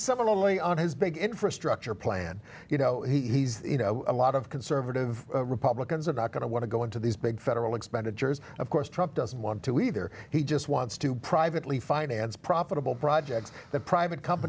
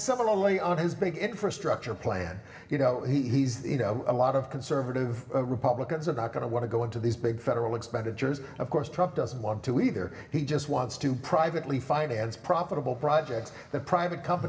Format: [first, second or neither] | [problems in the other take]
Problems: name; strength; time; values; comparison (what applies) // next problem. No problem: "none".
first | room echo; dies away in 0.9 s